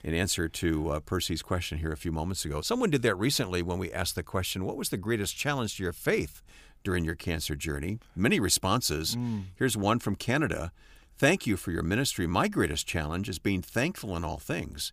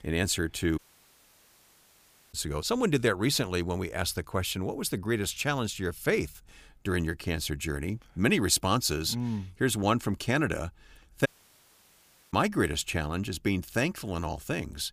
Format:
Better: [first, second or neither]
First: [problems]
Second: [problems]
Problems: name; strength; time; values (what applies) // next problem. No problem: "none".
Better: first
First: none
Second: audio cutting out; at 1 s for 1.5 s and at 11 s for 1 s